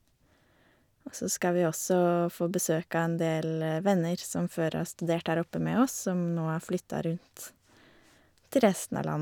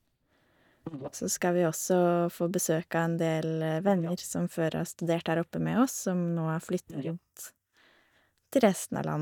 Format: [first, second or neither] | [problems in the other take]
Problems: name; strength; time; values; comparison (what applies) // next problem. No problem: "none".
first | noise reduction (neural mask model DeepFilterNet 3)